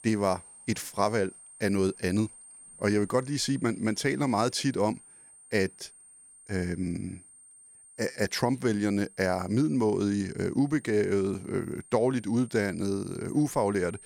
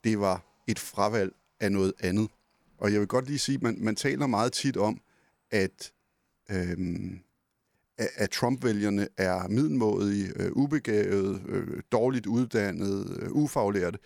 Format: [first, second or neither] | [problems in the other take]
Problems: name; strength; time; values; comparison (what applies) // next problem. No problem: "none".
second | high-pitched whine; faint; throughout; 8.5 kHz, 20 dB below the speech